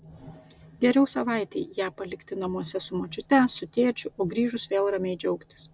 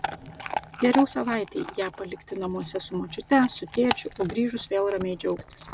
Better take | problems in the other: first | background sound (Chewing, mastication / Dog); 9 dB below the speech

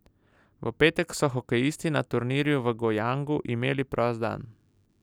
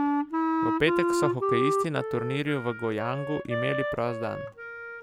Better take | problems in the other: first | background sound (Wind instrument, woodwind instrument); 2 dB above the speech

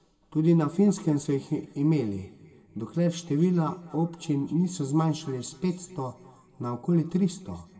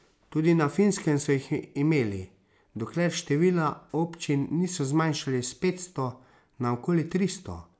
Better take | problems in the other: second | room echo; dies away in 1.7 s

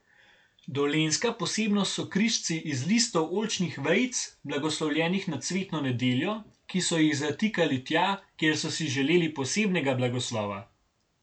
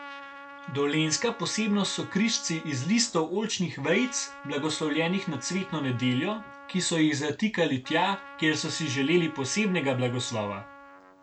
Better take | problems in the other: first | background sound (Trumpet); 17 dB below the speech

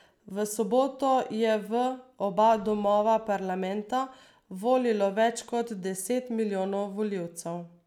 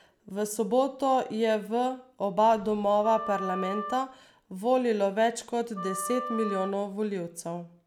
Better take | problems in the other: first | background sound (Wind instrument, woodwind instrument); 10 dB below the speech

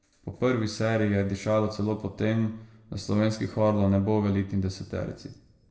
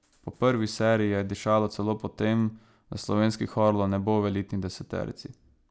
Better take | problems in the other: second | room echo; dies away in 0.6 s

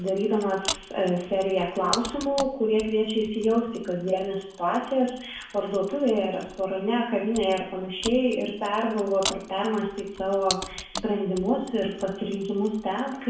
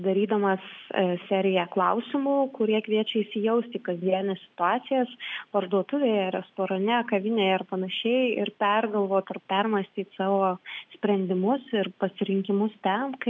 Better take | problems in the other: second | background sound (Mechanisms); 13 dB below the speech // room echo; dies away in 0.7 s

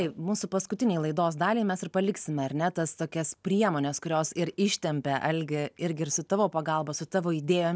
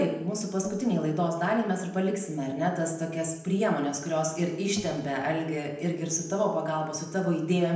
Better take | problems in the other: first | noise reduction (neural separator model SepFormer DNS4)

